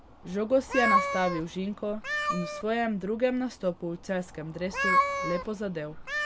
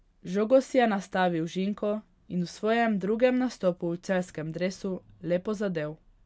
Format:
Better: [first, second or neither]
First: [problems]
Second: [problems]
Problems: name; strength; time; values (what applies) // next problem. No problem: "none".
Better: second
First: background sound (Meow); 1 dB below the speech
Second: none